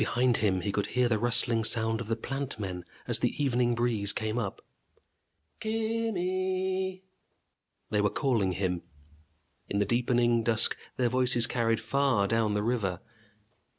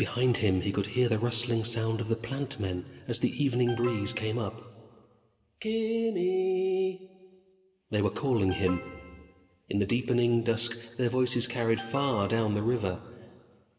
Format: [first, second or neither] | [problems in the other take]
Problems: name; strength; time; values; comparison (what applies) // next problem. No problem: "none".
first | background sound (Alarm); 16 dB below the speech // room echo; dies away in 1.6 s